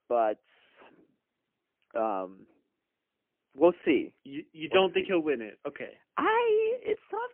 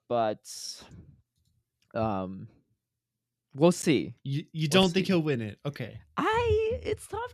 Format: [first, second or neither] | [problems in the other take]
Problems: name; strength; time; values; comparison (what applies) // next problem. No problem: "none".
second | phone-call audio; poor line; nothing above 3 kHz